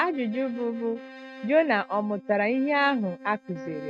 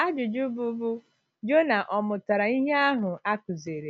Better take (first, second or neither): second